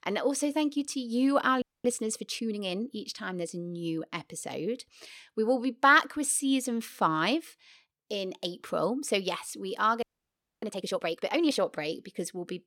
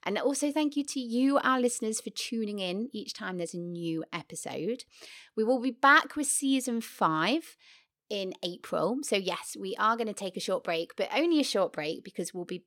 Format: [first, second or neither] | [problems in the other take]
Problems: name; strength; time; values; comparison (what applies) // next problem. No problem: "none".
second | audio freezing; at 1.5 s and at 10 s for 0.5 s